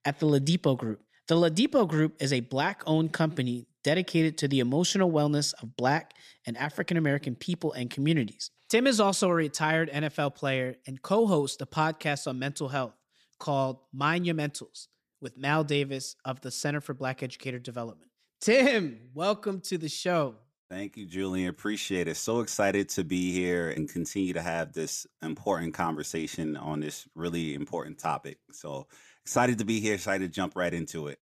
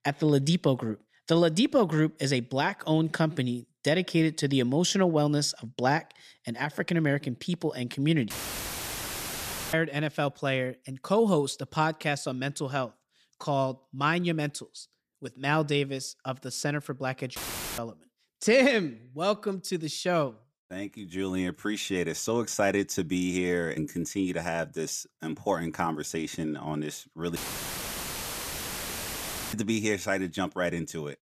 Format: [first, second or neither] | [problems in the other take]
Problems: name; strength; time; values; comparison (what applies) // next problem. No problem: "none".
first | audio cutting out; filled with static; at 8.5 s for 1.5 s, at 17 s and at 27 s for 2 s